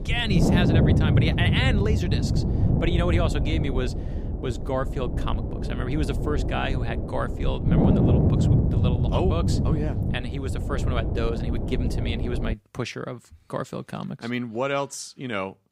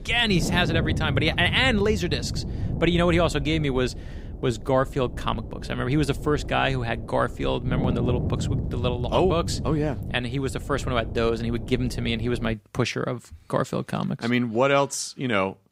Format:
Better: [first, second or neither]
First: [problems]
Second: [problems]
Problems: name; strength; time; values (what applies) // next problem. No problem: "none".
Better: second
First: wind noise on the microphone; heavy; until 13 s; 2 dB below the speech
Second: wind noise on the microphone; occasional gusts; until 13 s; 15 dB below the speech